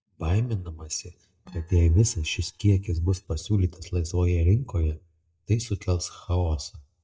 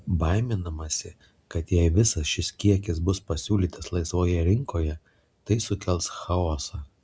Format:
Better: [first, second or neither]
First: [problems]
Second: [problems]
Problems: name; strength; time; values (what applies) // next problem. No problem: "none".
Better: second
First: noise reduction (neural mask model DeepFilterNet 3)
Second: none